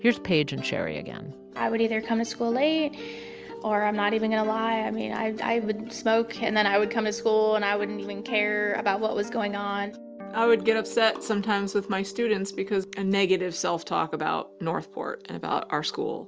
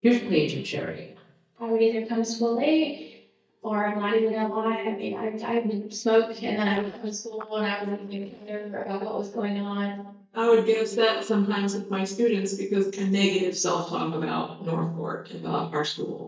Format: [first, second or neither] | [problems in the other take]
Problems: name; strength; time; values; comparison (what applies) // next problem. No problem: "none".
first | noise reduction (neural mask model DeepFilterNet 3)